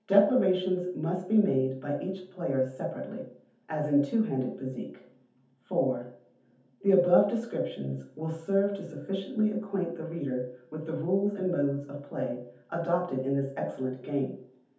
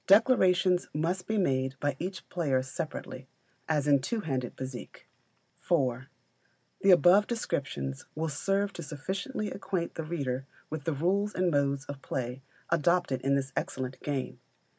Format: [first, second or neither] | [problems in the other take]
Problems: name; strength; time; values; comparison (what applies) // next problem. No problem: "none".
second | room echo; dies away in 0.6 s